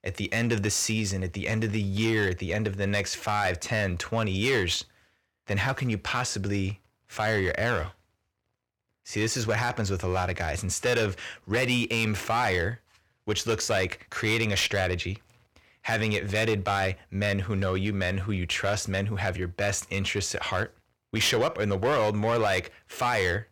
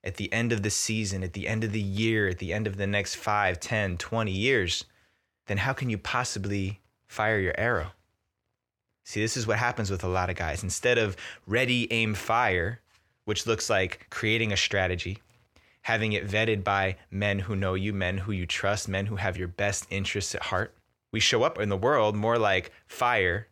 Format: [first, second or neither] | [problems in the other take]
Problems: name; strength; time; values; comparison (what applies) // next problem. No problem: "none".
second | distortion; slight; 6% of the sound clipped